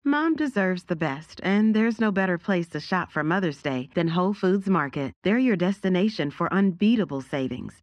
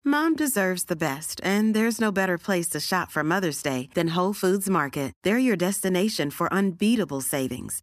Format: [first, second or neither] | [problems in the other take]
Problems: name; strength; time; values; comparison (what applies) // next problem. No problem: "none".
second | muffled; slightly; fading above 3.5 kHz